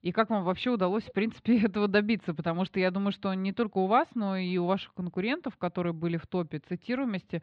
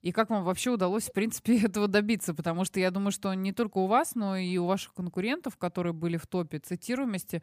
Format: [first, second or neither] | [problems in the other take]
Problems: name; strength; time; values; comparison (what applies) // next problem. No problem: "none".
second | muffled; slightly; fading above 4 kHz